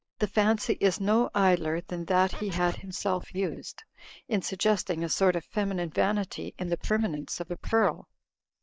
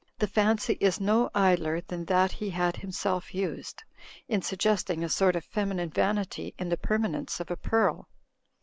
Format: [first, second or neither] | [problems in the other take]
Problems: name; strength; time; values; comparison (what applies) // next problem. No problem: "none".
second | noise reduction (neural mask model DeepFilterNet 3)